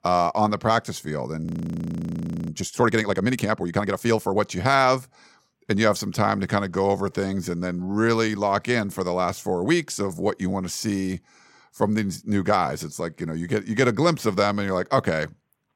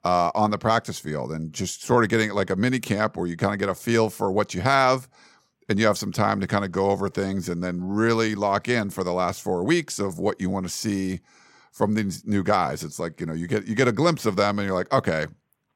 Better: second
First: audio freezing; at 1.5 s for 1 s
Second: none

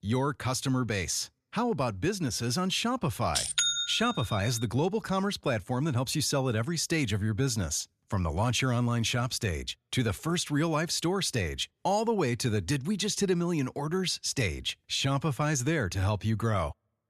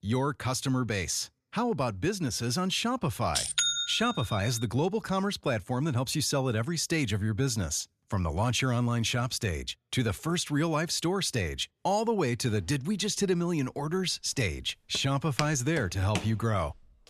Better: first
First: none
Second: footsteps; noticeable; from 15 to 16 s; peak 7 dB below the speech

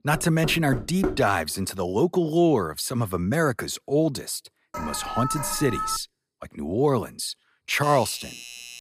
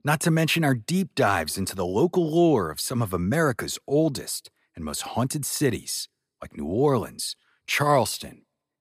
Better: second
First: door banging; noticeable; until 1 s; peak 5 dB below the speech // alarm; noticeable; from 4.5 to 6 s; peak 5 dB below the speech // doorbell; faint; from 7.5 s on; peak 15 dB below the speech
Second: none

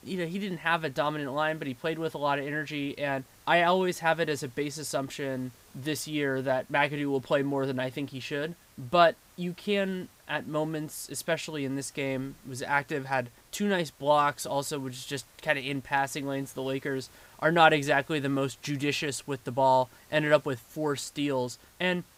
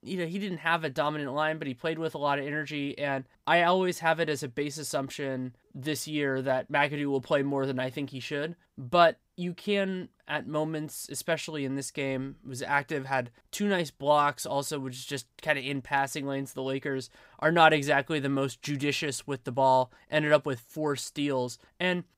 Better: second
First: hiss; faint; throughout; 25 dB below the speech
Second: none

